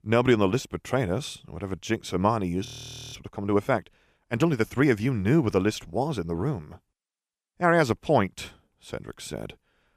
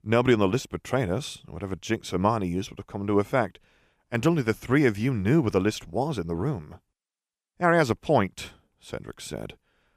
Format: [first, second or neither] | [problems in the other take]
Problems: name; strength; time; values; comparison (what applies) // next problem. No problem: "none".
second | audio freezing; at 2.5 s